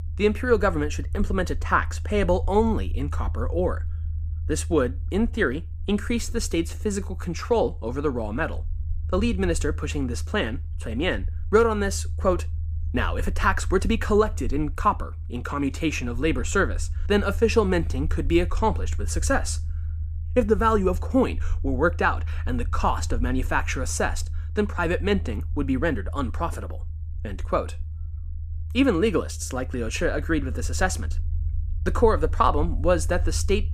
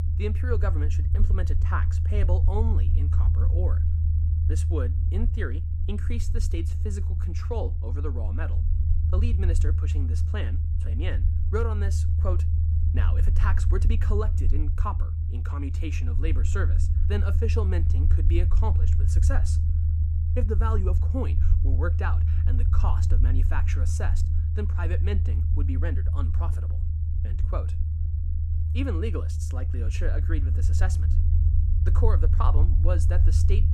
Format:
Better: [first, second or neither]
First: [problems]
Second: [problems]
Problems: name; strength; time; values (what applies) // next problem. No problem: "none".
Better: first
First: low rumble; faint; throughout; 25 dB below the speech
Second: low rumble; loud; throughout; 5 dB below the speech